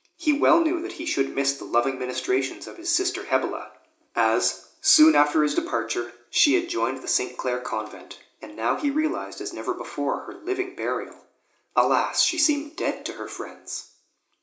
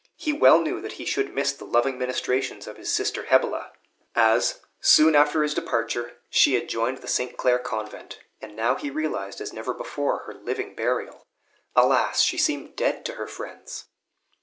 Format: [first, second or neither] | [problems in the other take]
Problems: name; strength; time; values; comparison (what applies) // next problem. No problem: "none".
second | room echo; dies away in 0.4 s